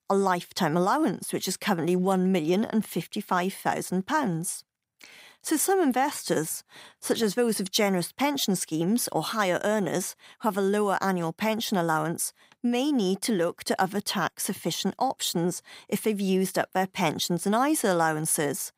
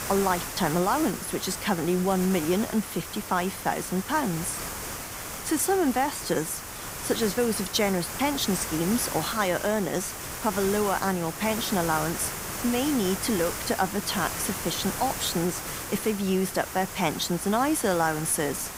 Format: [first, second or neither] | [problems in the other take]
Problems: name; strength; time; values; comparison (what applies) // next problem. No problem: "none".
first | hiss; loud; throughout; 6 dB below the speech